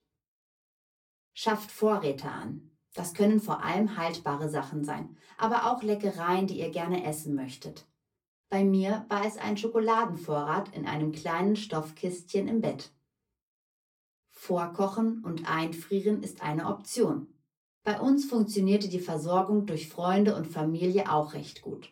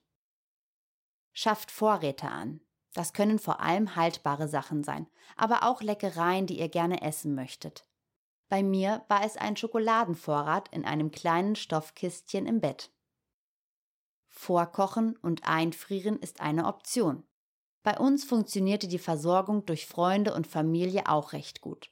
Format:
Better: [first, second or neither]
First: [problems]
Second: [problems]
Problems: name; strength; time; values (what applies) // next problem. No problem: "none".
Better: second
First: off-mic speech; far // room echo; very slight; dies away in 0.2 s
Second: none